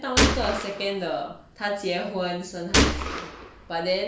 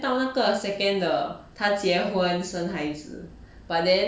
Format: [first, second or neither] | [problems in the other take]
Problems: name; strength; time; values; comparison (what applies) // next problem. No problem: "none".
second | background sound (Gunshot, gunfire); 4 dB above the speech